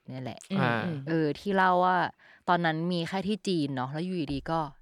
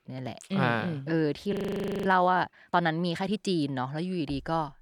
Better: first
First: none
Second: audio freezing; at 1.5 s for 0.5 s

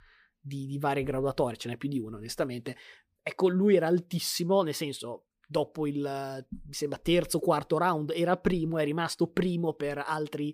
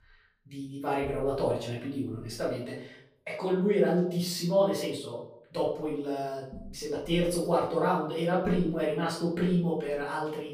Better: first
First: none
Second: off-mic speech; far // room echo; noticeable; dies away in 0.5 s

